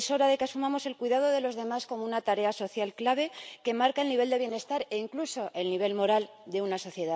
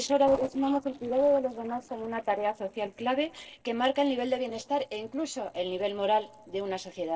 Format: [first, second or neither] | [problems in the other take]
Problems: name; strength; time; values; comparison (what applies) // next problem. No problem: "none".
first | noise reduction (neural separator model SepFormer DNS4)